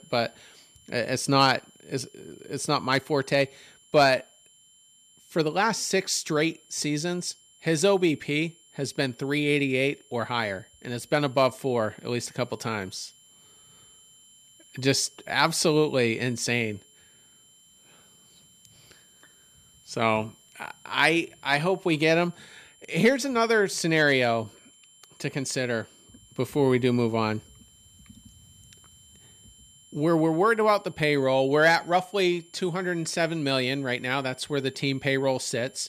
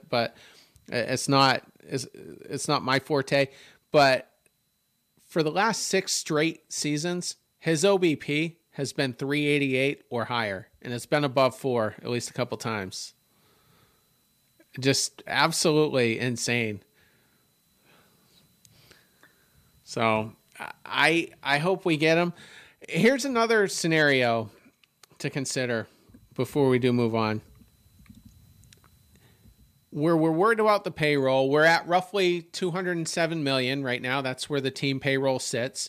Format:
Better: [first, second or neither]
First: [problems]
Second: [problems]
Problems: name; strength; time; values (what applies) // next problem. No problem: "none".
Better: second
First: high-pitched whine; faint; throughout; 3 kHz, 30 dB below the speech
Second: none